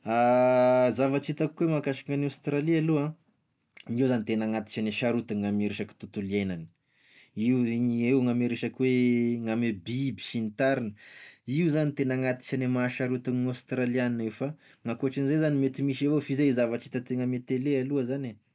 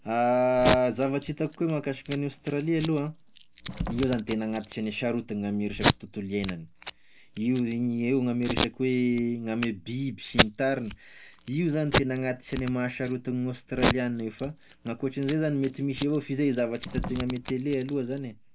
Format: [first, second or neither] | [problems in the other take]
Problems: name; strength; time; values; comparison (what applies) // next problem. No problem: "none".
first | background sound (Packing tape, duct tape); 6 dB below the speech